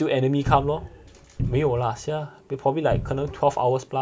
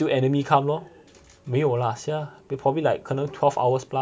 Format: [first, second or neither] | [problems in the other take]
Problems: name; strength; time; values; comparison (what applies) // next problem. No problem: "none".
second | background sound (Cupboard open or close); 7 dB below the speech